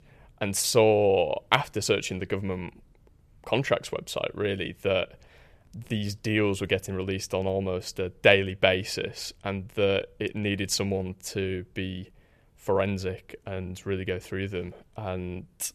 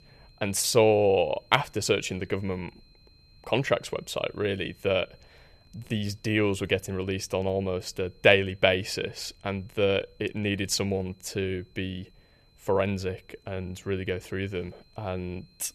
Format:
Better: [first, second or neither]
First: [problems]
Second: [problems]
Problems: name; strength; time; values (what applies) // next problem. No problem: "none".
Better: first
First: none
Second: high-pitched whine; faint; throughout; 4 kHz, 35 dB below the speech